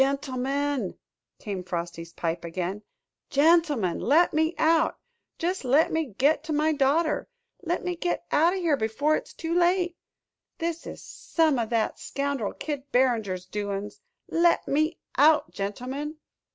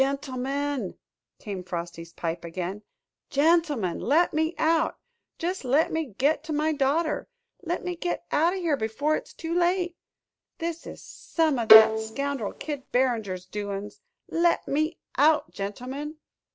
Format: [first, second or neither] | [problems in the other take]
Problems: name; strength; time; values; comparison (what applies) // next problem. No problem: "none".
first | background sound (Bowed string instrument); 5 dB above the speech